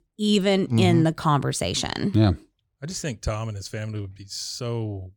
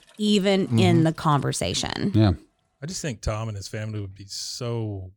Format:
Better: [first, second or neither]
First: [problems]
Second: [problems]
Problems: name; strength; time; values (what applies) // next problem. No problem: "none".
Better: first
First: none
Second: household noises; faint; until 3 s; 25 dB below the speech